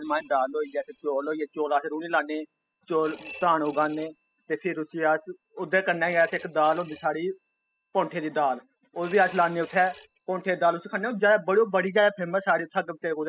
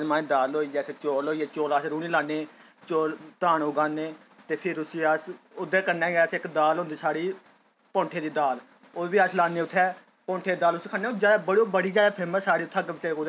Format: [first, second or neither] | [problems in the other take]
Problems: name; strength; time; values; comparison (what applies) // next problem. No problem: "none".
second | noise reduction (classical method spectral subtraction)